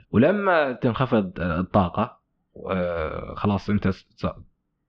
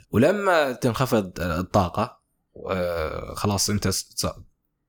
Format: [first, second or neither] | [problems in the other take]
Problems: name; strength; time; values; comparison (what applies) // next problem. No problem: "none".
second | muffled; very; fading above 3.5 kHz